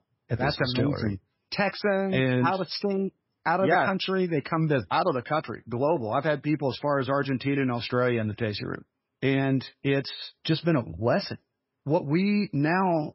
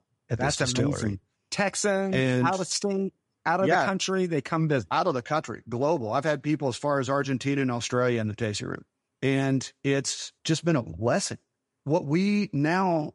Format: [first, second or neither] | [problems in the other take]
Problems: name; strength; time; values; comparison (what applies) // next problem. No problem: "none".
second | garbled, watery; badly; nothing above 5.5 kHz; slightly in the second